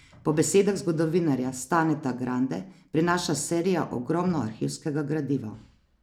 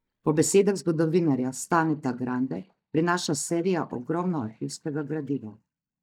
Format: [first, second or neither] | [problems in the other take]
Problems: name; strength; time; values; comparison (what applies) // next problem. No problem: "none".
first | noise reduction (neural mask model DeepFilterNet 3)